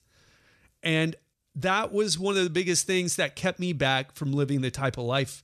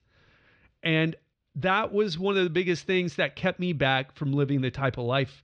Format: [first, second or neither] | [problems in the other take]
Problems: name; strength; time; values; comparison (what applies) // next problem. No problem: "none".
first | muffled; slightly; fading above 3.5 kHz